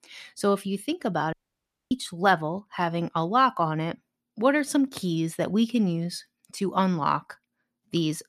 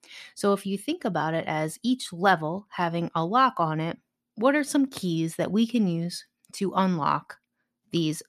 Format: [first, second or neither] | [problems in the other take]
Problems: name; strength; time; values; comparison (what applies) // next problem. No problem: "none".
second | audio cutting out; at 1.5 s for 0.5 s